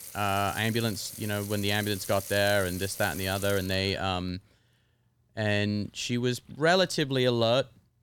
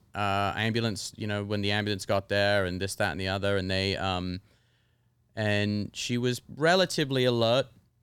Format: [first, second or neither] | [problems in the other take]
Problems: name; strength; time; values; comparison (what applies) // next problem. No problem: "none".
second | household noises; very faint; throughout; 10 dB below the speech